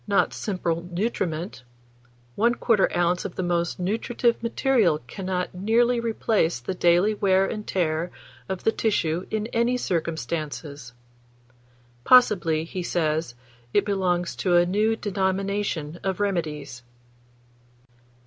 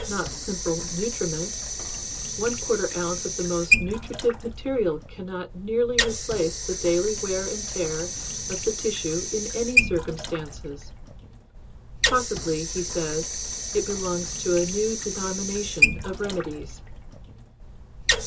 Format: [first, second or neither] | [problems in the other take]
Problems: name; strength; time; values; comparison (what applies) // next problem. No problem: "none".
first | background sound (Sink (filling or washing) / Water); as loud as the speech // room echo; dies away in 0.2 s